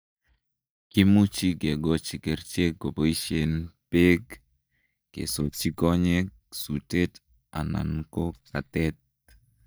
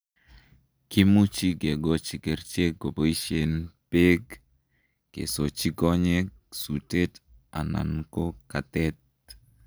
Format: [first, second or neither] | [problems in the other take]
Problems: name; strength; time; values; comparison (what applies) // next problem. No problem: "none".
second | noise reduction (neural mask model DeepFilterNet 3)